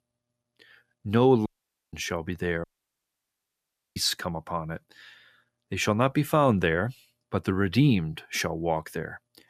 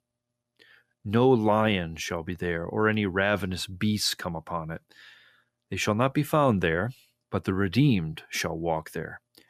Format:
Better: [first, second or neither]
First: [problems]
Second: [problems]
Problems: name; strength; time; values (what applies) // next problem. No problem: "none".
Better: second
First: audio cutting out; at 1.5 s and at 2.5 s for 1.5 s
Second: none